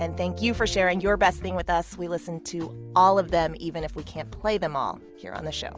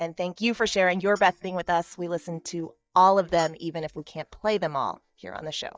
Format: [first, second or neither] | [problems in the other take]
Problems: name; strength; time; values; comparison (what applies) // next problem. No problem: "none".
first | noise reduction (neural mask model DeepFilterNet 3)